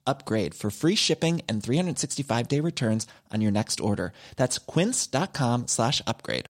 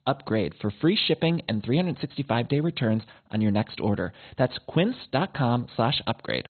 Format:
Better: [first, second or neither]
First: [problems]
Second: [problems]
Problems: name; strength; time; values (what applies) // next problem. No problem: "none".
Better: first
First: none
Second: garbled, watery; badly; nothing above 4 kHz